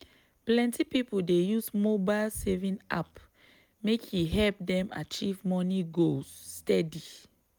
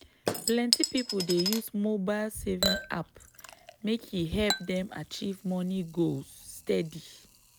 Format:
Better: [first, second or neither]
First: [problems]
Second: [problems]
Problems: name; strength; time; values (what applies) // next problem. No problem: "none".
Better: first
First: none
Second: background sound (Chink, clink / Liquid); 5 dB below the speech